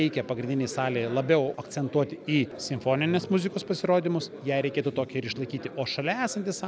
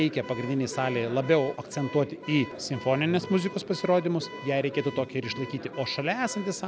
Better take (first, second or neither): first